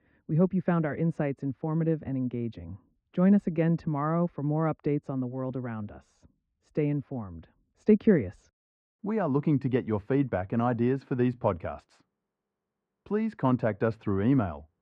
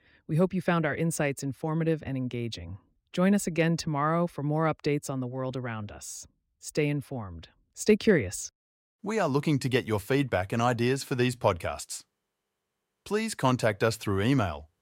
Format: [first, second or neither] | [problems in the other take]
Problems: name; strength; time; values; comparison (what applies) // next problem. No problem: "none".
second | muffled; very; fading above 1.5 kHz